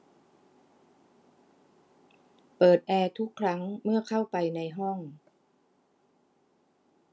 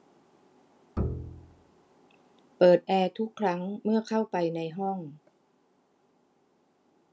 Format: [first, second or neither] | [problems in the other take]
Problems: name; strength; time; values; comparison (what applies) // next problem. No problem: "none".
first | background sound (Bowed string instrument); 6 dB below the speech